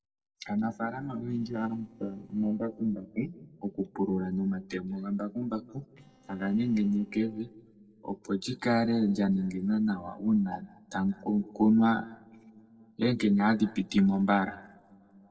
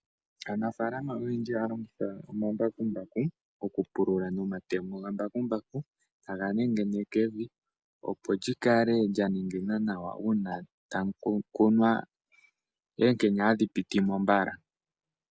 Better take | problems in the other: second | noise reduction (neural separator model SepFormer DNS4)

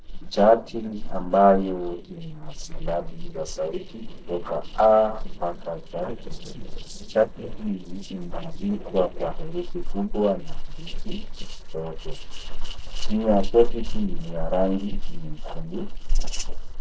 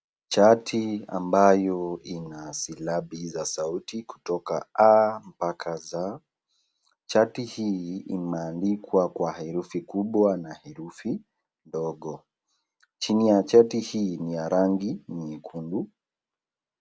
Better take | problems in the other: second | noise reduction (neural separator model SepFormer DNS4)

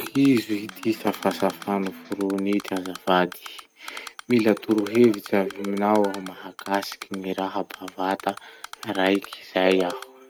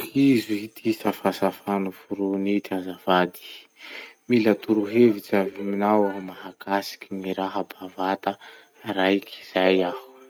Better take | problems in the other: second | background sound (Electric guitar + Typing); 18 dB below the speech

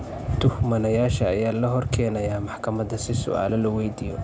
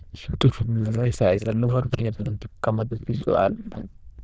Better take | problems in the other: first | noise reduction (neural diffusion model UNIVERSE++)

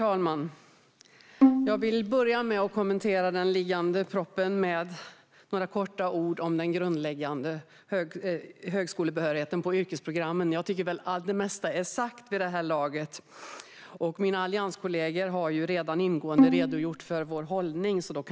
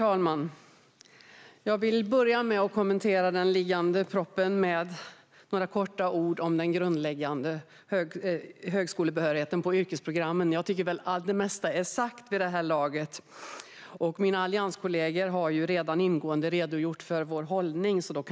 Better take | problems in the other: second | background sound (Bowed string instrument); 2 dB above the speech

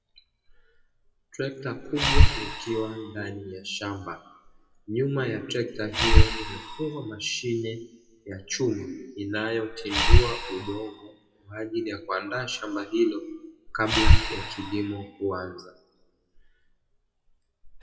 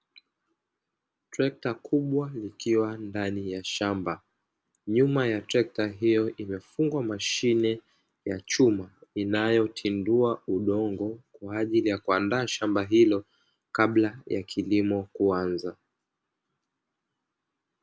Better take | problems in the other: second | noise reduction (classical method WPE with log-MMSE)

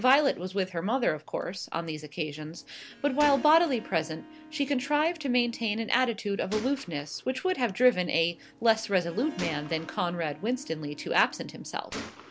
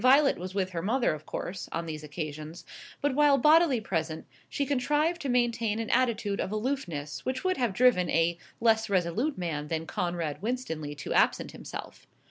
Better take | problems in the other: second | background sound (Harp + Gunshot, gunfire); 17 dB below the speech

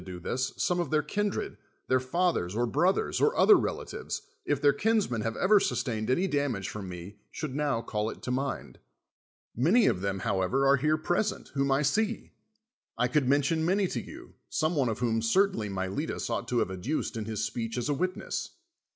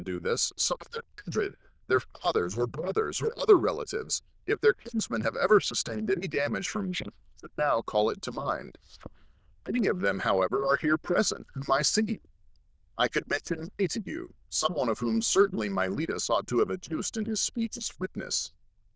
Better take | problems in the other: first | noise reduction (neural diffusion model UNIVERSE++)

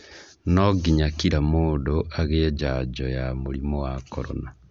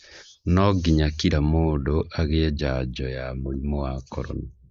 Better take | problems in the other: first | noise reduction (neural mask model Resemble Enhance denoiser)

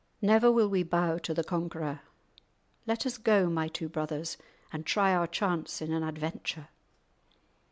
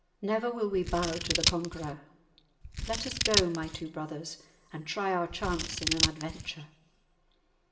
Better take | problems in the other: first | background sound (Scissors); 2 dB above the speech // room echo; dies away in 1.4 s

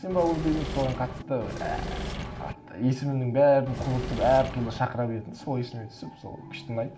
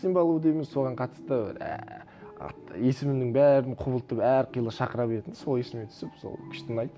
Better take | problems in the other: second | background sound (Engine / Mechanisms); 7 dB below the speech // room echo; dies away in 0.8 s

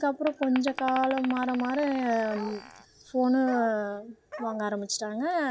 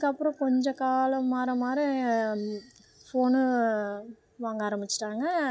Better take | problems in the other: second | background sound (Glass + Bark); 13 dB below the speech

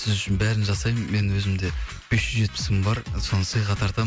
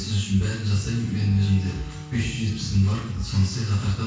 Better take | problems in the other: first | background sound (Wind instrument, woodwind instrument); 19 dB below the speech // room echo; dies away in 0.6 s

